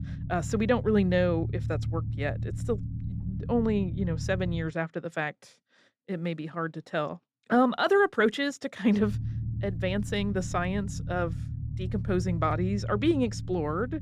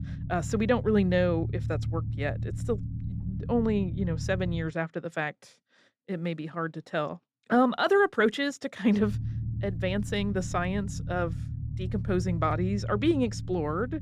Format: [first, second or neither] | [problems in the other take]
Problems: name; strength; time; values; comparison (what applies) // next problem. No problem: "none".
neither | low rumble; noticeable; until 4.5 s and from 9 s on; 15 dB below the speech; the same in both